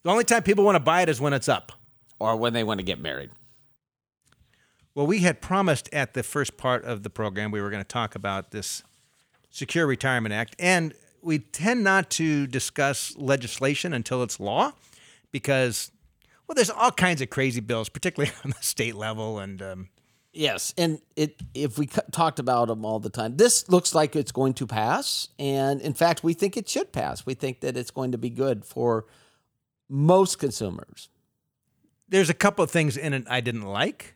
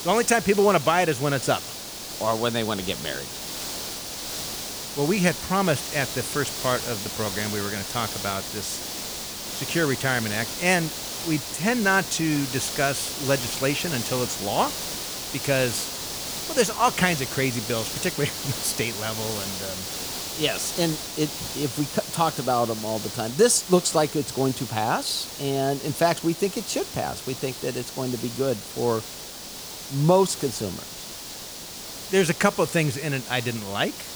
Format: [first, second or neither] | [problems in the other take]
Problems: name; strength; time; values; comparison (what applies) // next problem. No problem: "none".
first | hiss; loud; throughout; 6 dB below the speech